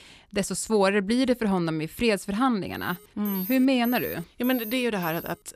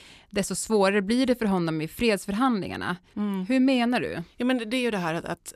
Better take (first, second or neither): second